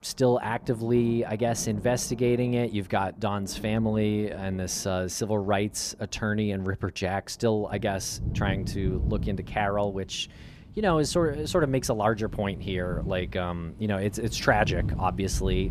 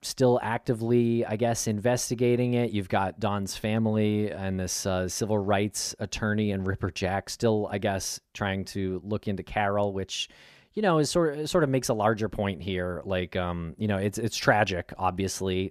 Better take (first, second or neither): second